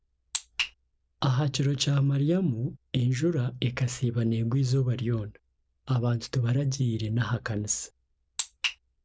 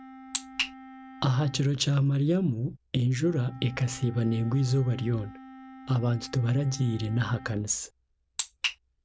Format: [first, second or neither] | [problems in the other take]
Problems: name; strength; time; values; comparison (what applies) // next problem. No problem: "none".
first | background sound (Wind instrument, woodwind instrument); 20 dB below the speech